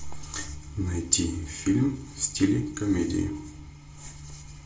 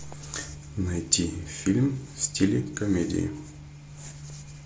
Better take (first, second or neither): second